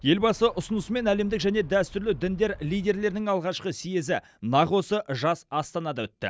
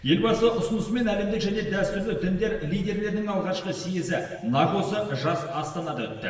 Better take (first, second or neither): first